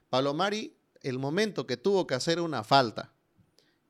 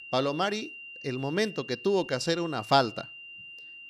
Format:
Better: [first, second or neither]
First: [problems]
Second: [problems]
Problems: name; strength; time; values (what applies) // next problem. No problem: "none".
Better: first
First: none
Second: high-pitched whine; noticeable; throughout; 3 kHz, 15 dB below the speech